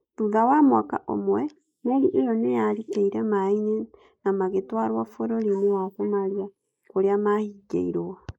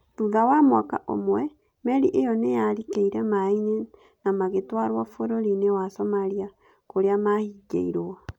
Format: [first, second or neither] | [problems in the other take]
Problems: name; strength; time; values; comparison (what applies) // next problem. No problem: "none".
second | noise reduction (neural mask model Resemble Enhance denoiser)